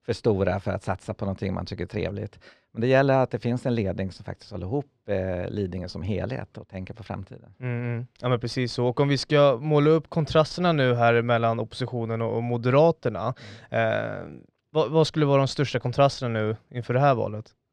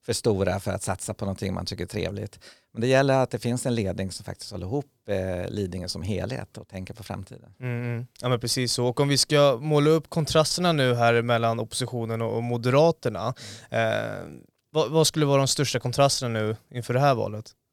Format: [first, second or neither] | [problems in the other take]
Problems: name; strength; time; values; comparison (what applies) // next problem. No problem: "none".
second | muffled; slightly; fading above 3 kHz